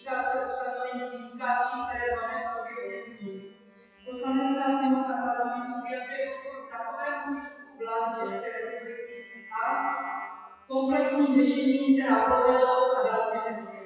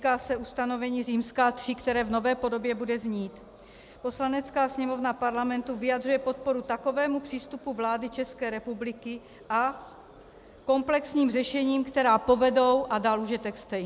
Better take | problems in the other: second | noise reduction (classical method WPE with log-MMSE)

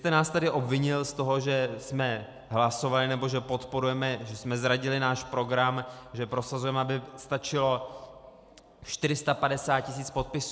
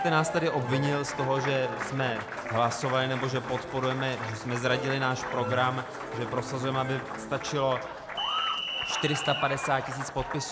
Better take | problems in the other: first | background sound (Applause); 5 dB below the speech

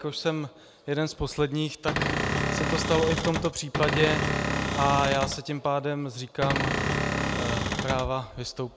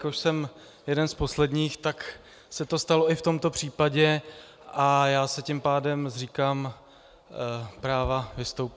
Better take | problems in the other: second | background sound (Cupboard open or close / Door); 1 dB above the speech

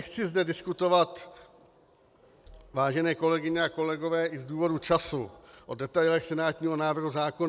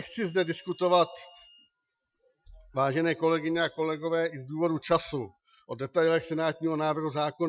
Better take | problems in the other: first | noise reduction (classical method Wiener filter)

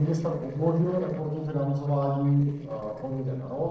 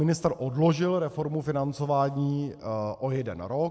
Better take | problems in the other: second | noise reduction (neural separator model SepFormer DNS4)

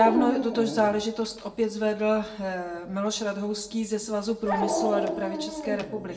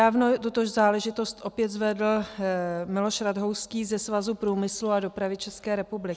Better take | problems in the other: second | background sound (Dog); 5 dB below the speech // room echo; dies away in 0.5 s

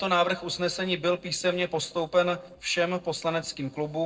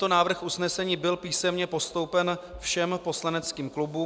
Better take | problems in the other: second | noise reduction (neural separator model SepFormer DNS4)

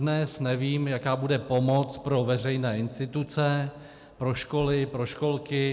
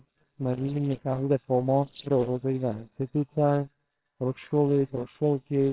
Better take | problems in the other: first | noise reduction (neural separator model SepFormer WHAMR!)

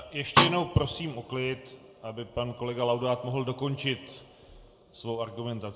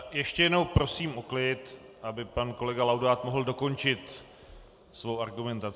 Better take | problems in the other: second | background sound (Snare drum); 5 dB above the speech // room echo; dies away in 0.7 s

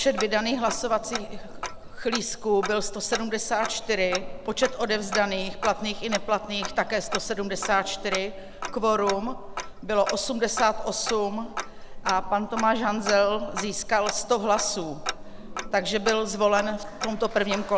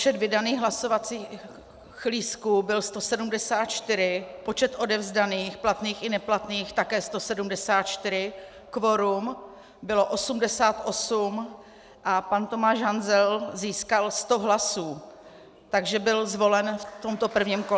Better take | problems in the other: second | background sound (Tick-tock); 8 dB below the speech

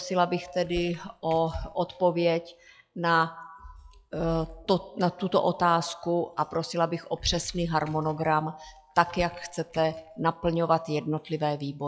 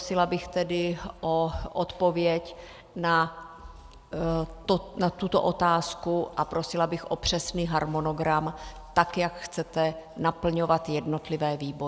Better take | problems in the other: second | noise reduction (classical method log-MMSE)

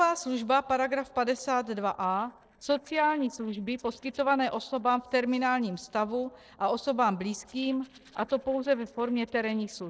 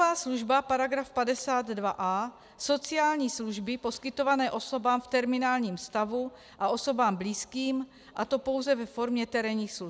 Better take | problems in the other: second | noise reduction (neural separator model SepFormer DNS4)

